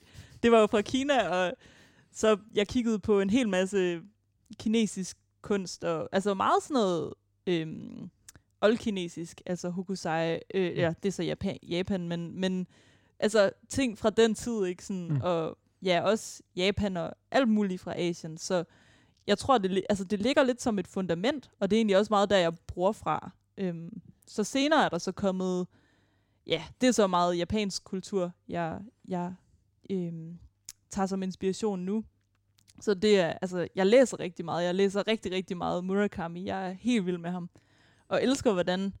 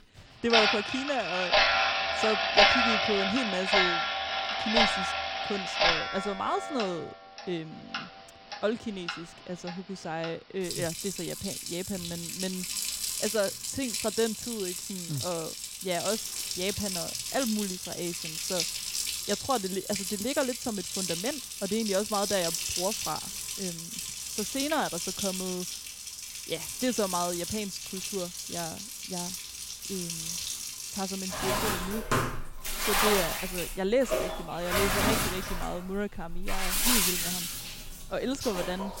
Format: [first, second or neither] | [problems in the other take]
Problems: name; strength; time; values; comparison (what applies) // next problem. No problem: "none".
first | household noises; very loud; throughout; 4 dB above the speech